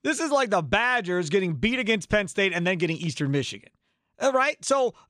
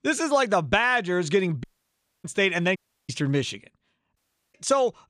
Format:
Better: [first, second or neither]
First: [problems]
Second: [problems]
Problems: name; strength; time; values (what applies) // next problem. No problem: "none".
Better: first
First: none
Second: audio cutting out; at 1.5 s for 0.5 s, at 3 s and at 4 s